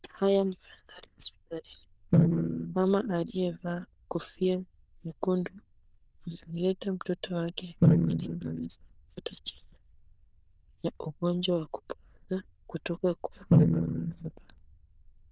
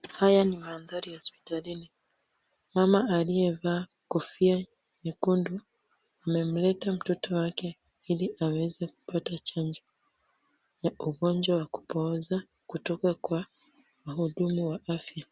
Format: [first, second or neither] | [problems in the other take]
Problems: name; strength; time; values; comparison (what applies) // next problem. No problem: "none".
second | noise reduction (neural diffusion model UNIVERSE++)